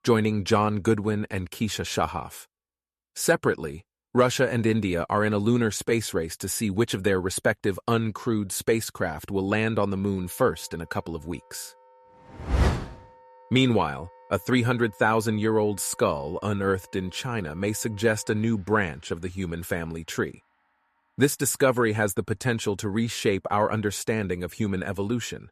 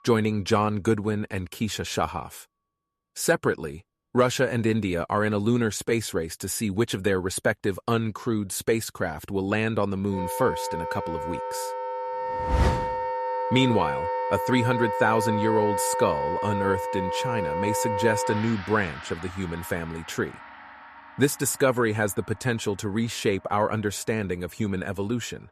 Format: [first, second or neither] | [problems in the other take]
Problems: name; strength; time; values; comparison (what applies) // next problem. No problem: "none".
first | background music; loud; throughout; 3 dB below the speech; faint in the first